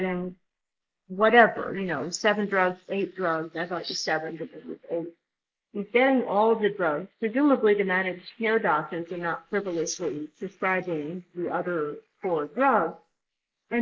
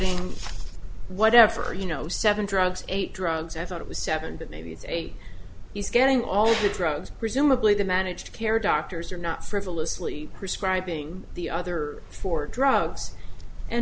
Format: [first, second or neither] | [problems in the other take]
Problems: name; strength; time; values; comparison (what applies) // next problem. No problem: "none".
second | noise reduction (neural mask model Resemble Enhance denoiser)